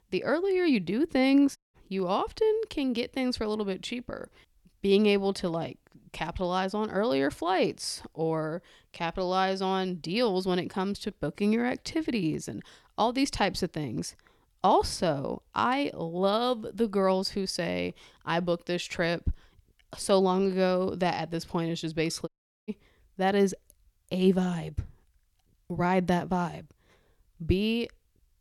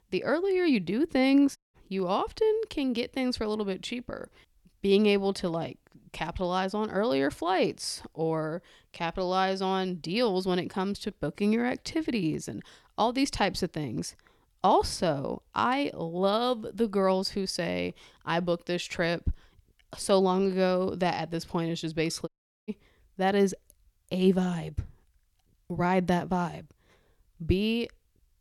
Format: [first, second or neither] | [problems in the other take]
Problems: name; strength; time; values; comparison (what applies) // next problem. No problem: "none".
neither | audio cutting out; at 1.5 s and at 22 s; the same in both